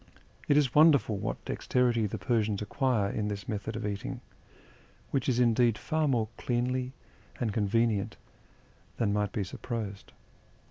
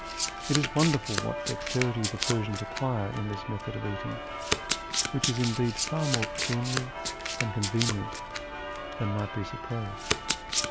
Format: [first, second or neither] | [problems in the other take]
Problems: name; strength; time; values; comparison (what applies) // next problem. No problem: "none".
first | background sound (Church bell + Domestic sounds, home sounds); 1 dB below the speech